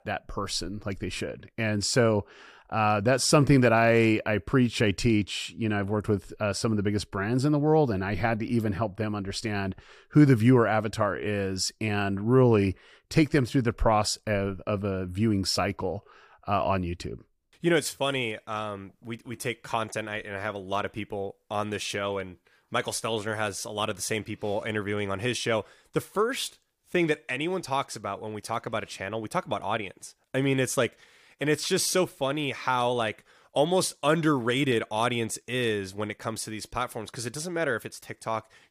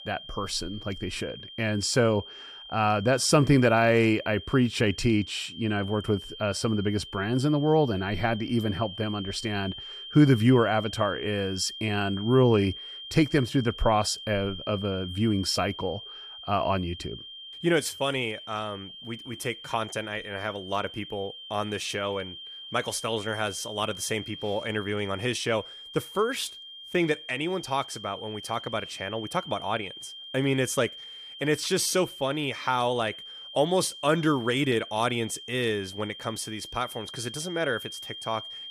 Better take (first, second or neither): first